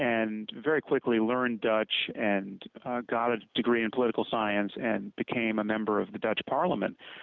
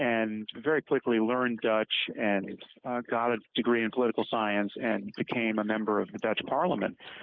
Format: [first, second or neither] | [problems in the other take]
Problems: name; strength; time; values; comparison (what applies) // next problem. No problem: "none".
first | noise reduction (neural mask model Resemble Enhance denoiser)